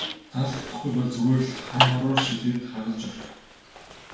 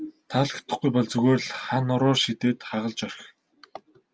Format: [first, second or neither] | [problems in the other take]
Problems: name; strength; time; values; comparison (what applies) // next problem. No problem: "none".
second | background sound (Zipper (clothing)); 4 dB below the speech // room echo; dies away in 0.6 s